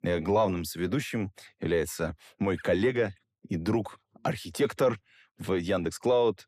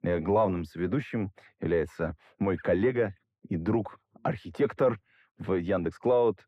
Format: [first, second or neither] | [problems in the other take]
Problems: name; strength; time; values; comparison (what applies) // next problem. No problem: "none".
first | muffled; very; fading above 3.5 kHz